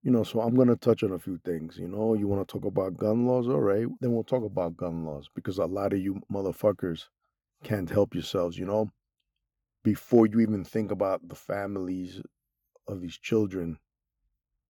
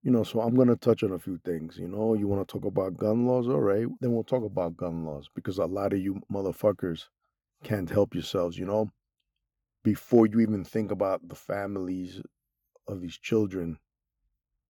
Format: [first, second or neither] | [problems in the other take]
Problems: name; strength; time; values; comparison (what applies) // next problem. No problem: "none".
neither | muffled; slightly; fading above 4 kHz; the same in both